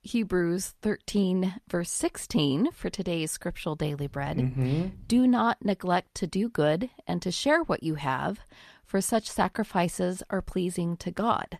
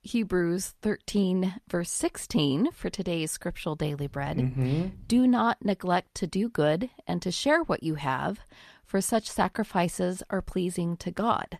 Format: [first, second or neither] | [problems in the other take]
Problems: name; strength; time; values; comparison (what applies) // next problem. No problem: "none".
neither | none